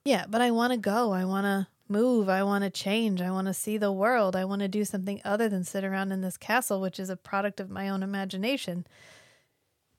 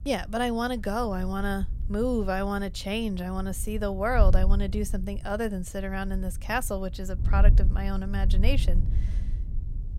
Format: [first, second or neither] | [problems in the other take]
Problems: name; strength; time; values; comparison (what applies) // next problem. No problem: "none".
first | wind noise on the microphone; occasional gusts; 20 dB below the speech